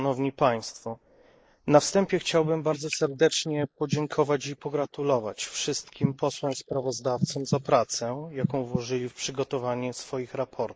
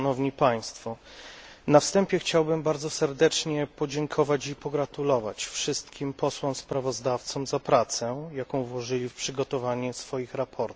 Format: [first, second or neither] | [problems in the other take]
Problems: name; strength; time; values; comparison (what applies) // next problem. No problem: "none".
second | noise reduction (neural mask model Resemble Enhance denoiser)